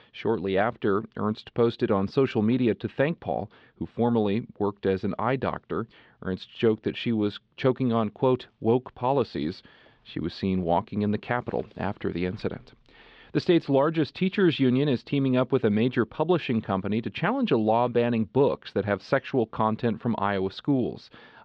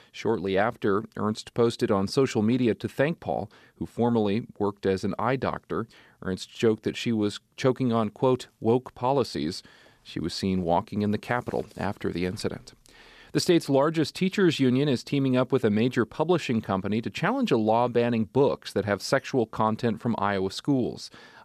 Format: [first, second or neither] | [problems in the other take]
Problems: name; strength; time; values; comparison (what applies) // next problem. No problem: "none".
second | muffled; slightly; fading above 3.5 kHz